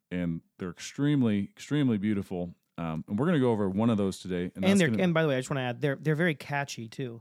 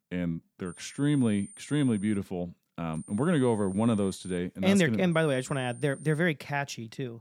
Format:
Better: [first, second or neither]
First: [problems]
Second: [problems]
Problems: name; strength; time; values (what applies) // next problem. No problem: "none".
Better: first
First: none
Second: high-pitched whine; noticeable; from 0.5 to 2 s, from 3 to 4.5 s and from 5 to 6 s; 9 kHz, 20 dB below the speech